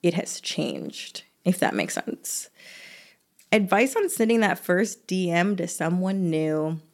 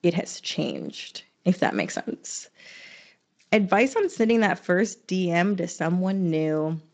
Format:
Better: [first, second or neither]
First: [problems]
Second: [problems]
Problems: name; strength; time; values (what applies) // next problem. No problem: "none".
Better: first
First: none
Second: garbled, watery; slightly; nothing above 7.5 kHz